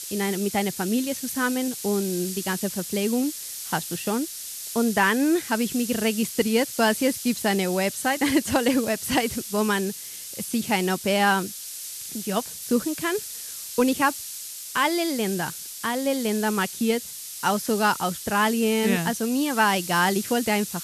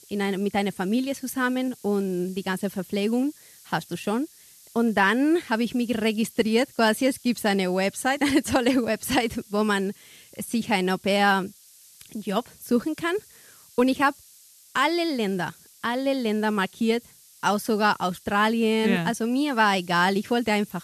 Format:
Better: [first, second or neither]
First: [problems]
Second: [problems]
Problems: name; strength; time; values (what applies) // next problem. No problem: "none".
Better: second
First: hiss; loud; throughout; 8 dB below the speech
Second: hiss; faint; throughout; 25 dB below the speech